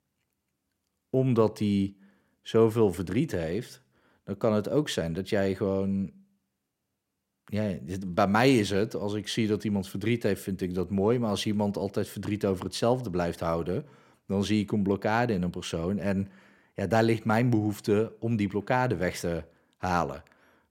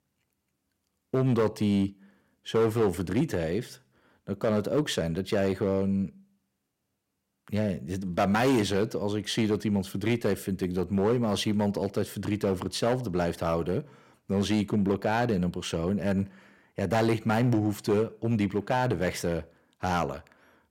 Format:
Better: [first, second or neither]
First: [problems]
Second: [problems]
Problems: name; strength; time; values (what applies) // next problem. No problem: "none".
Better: first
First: none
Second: distortion; slight; 4% of the sound clipped